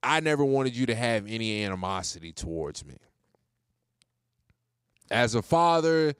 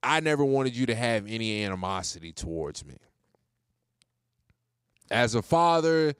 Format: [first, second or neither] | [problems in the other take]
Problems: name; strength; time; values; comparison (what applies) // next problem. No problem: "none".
neither | none